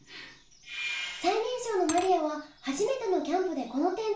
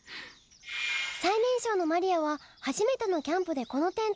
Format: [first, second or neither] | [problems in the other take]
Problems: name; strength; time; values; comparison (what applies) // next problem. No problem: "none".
second | background sound (Glass / Liquid); 17 dB below the speech // room echo; dies away in 0.3 s